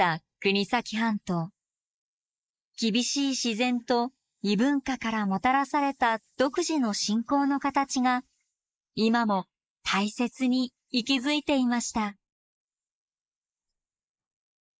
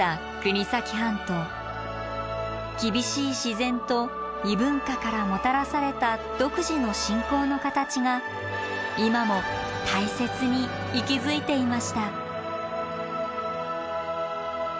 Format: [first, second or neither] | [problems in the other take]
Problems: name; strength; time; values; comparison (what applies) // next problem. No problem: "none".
second | noise reduction (neural mask model Resemble Enhance denoiser)